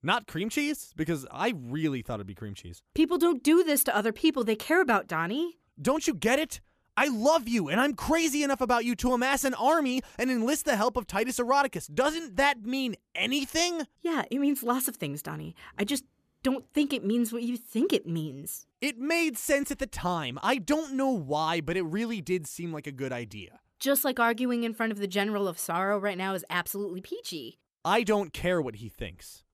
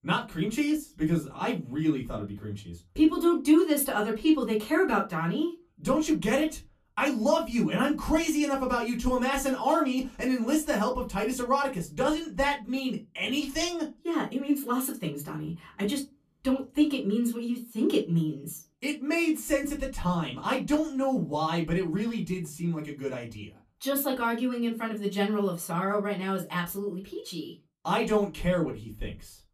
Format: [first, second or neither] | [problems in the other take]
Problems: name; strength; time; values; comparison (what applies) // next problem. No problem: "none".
first | off-mic speech; far // room echo; very slight; dies away in 0.2 s